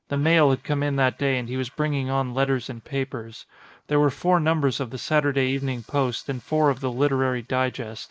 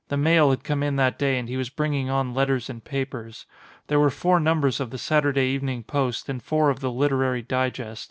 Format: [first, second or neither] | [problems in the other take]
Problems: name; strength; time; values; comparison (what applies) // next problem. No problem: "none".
second | noise reduction (neural mask model Resemble Enhance denoiser)